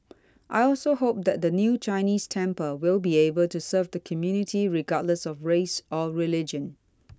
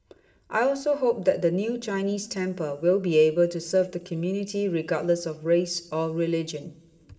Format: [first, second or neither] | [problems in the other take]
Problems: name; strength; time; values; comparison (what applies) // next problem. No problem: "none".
first | room echo; dies away in 1.4 s